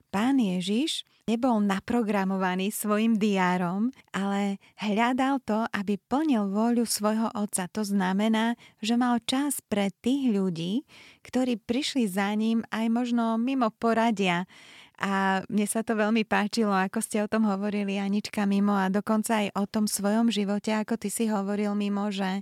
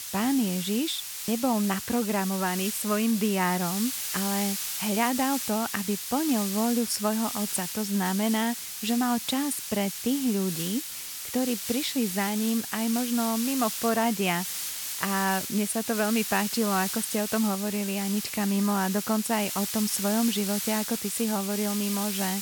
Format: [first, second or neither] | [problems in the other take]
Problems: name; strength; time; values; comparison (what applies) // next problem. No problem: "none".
first | hiss; loud; throughout; 4 dB below the speech